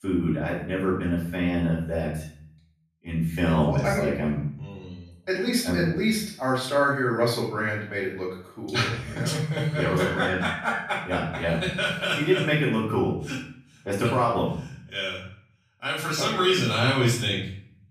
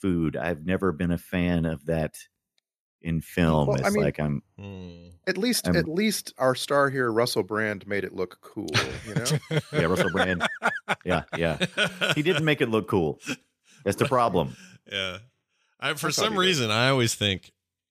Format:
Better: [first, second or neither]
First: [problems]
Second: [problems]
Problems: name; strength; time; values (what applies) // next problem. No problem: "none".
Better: second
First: off-mic speech; far // room echo; noticeable; dies away in 0.6 s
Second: none